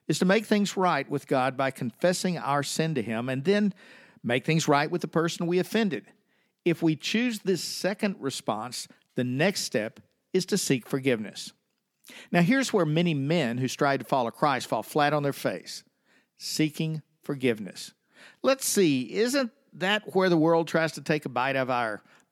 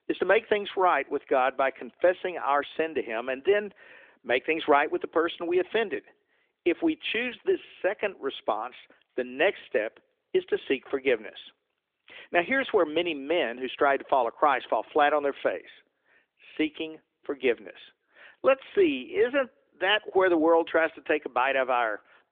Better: first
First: none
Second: phone-call audio; nothing above 3.5 kHz

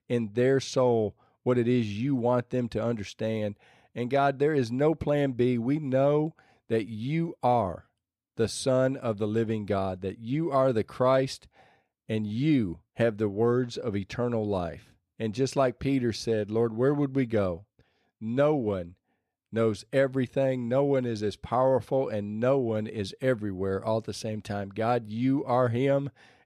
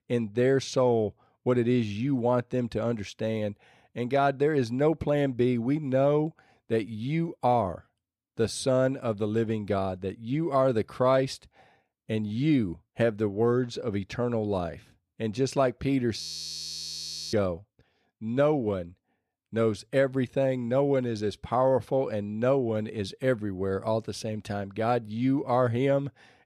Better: first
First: none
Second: audio freezing; at 16 s for 1 s

